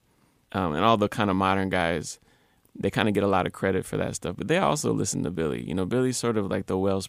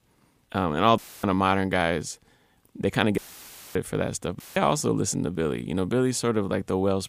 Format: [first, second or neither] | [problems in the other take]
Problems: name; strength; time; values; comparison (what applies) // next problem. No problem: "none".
first | audio cutting out; filled with static; at 1 s, at 3 s for 0.5 s and at 4.5 s